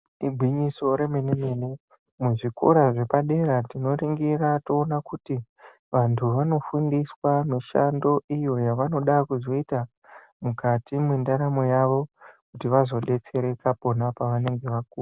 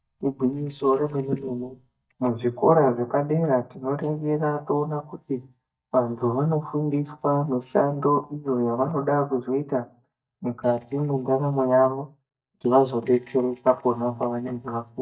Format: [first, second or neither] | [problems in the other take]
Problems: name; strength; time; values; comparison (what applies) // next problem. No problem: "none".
first | noise reduction (neural mask model DeepFilterNet 3)